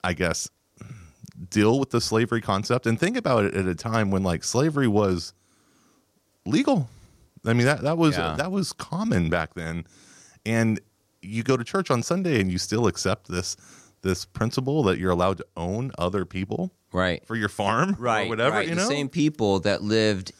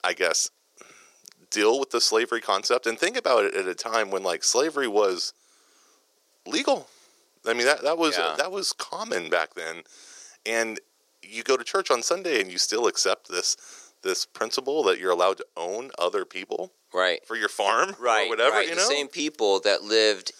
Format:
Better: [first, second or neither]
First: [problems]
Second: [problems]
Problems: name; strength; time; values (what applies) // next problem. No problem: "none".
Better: first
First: none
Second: thin; very; fading below 400 Hz